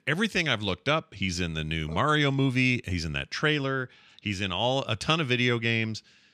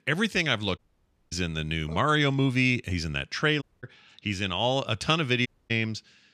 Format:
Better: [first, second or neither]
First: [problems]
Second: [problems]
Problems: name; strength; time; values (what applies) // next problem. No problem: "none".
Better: first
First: none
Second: audio cutting out; at 1 s for 0.5 s, at 3.5 s and at 5.5 s